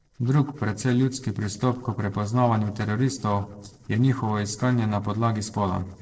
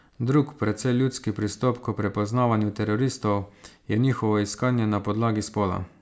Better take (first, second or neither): second